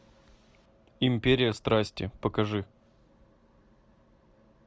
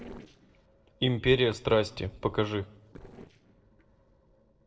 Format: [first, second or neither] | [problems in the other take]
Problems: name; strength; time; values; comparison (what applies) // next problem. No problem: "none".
first | noise reduction (neural separator model SepFormer DNS4)